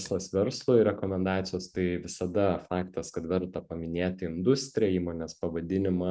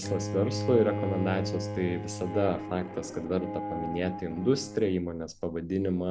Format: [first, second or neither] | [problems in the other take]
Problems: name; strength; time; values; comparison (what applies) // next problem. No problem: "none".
first | background sound (Bowed string instrument); 6 dB below the speech